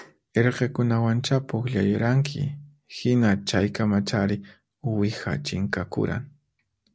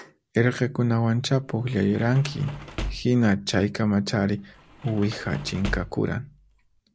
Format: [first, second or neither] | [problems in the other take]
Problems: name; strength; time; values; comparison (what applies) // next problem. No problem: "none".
first | background sound (Sliding door / Slam); 13 dB below the speech